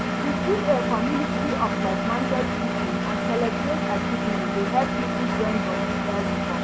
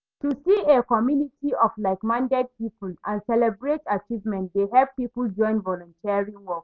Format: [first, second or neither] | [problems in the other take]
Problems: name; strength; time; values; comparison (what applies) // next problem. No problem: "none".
second | background sound (Engine); 4 dB above the speech